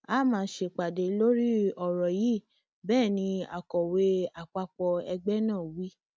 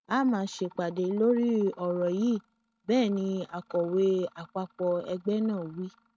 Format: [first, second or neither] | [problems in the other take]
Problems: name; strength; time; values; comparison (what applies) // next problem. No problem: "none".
first | noise reduction (neural mask model RNNoise)